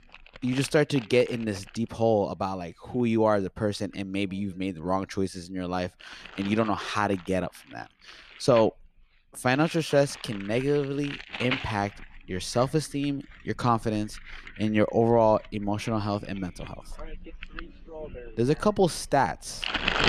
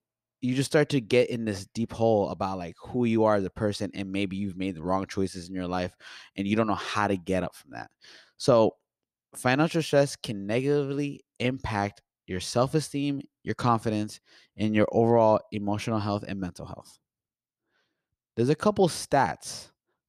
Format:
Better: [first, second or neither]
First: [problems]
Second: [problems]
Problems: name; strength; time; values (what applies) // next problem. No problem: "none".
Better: second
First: household noises; noticeable; throughout; 15 dB below the speech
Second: none